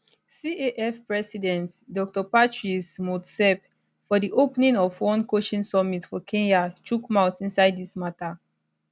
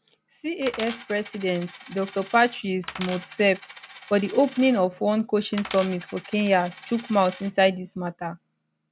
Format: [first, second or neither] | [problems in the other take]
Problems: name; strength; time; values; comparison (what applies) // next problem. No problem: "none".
first | background sound (Coin (dropping)); 16 dB below the speech